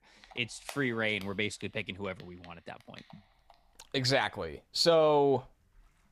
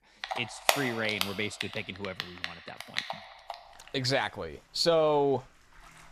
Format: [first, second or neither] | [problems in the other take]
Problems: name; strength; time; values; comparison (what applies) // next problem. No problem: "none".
first | household noises; loud; throughout; 4 dB below the speech; faint in the first